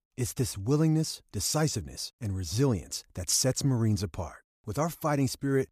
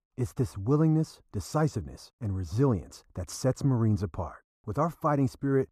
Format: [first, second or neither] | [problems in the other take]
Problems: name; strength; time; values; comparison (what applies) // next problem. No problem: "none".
first | muffled; very; fading above 1.5 kHz